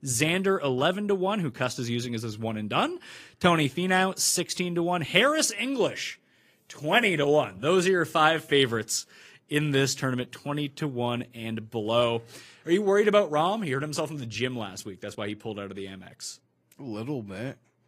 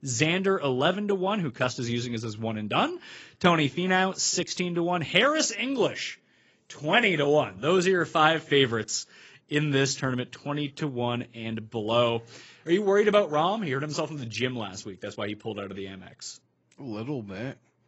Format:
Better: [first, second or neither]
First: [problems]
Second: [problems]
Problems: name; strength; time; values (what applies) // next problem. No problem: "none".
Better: first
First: garbled, watery; slightly; nothing above 15 kHz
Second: garbled, watery; badly; nothing above 7.5 kHz